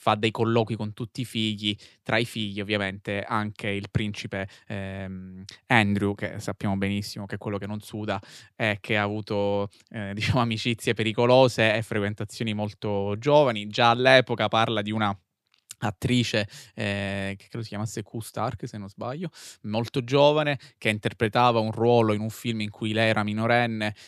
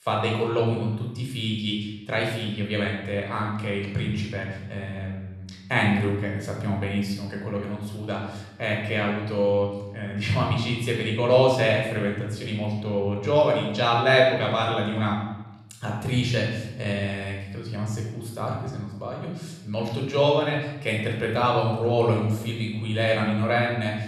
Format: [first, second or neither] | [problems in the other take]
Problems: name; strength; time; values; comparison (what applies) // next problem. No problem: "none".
first | off-mic speech; somewhat distant // room echo; noticeable; dies away in 1 s